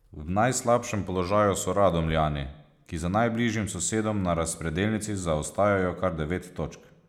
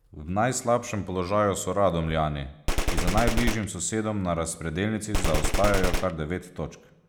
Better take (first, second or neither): first